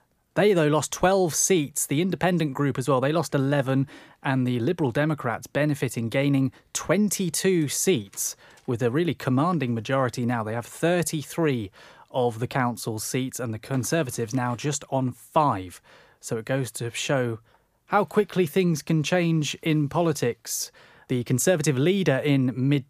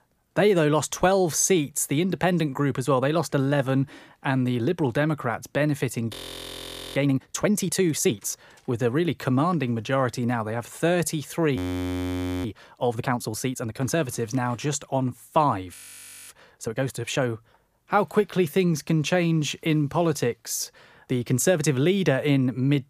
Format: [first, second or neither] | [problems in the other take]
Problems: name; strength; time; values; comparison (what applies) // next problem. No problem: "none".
first | audio freezing; at 6 s for 1 s, at 12 s for 1 s and at 16 s for 0.5 s